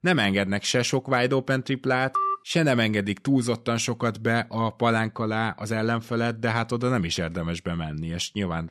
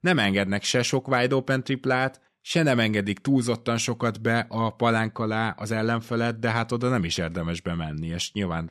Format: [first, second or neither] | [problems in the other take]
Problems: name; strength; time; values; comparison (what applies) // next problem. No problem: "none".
second | phone ringing; noticeable; at 2 s; peak 1 dB below the speech